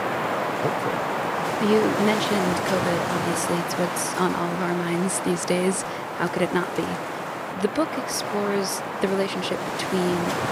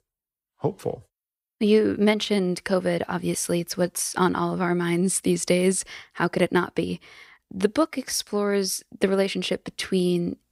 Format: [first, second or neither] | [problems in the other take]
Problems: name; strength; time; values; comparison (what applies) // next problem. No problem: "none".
second | wind noise on the microphone; heavy; 2 dB above the speech